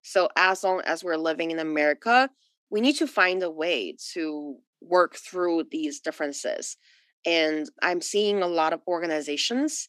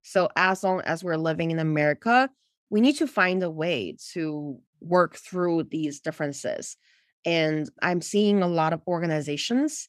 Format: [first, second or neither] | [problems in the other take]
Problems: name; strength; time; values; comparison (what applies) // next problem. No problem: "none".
second | thin; very slightly; fading below 250 Hz